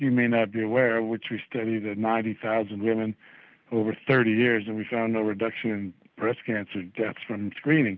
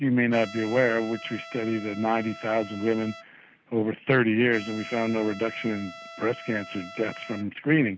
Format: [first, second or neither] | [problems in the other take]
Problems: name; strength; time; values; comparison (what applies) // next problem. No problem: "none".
first | background sound (Trumpet); 17 dB below the speech